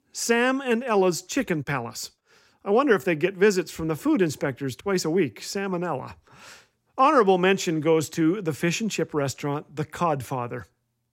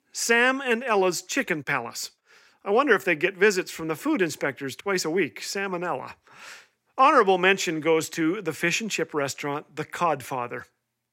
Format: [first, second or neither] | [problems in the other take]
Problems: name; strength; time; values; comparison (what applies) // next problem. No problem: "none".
first | thin; very slightly; fading below 350 Hz